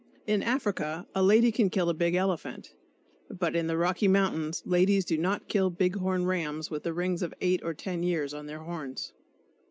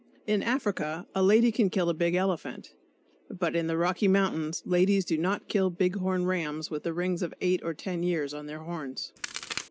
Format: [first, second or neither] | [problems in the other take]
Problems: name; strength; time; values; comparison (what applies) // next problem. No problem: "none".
first | background sound (Crack); 9 dB below the speech